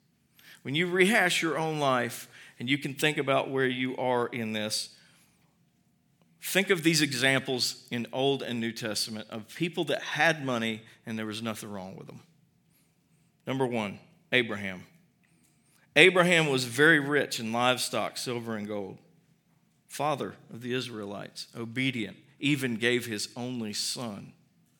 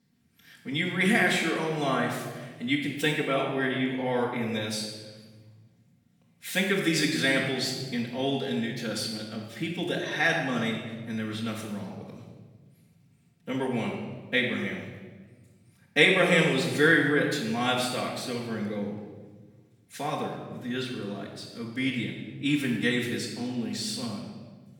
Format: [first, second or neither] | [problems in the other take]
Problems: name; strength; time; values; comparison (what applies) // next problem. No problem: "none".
first | off-mic speech; far // room echo; noticeable; dies away in 1.3 s